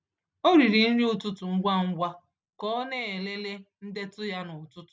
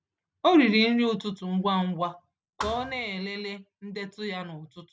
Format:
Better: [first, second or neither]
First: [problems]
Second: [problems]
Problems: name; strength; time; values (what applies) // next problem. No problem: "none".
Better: first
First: none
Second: background sound (Thump, thud); 13 dB below the speech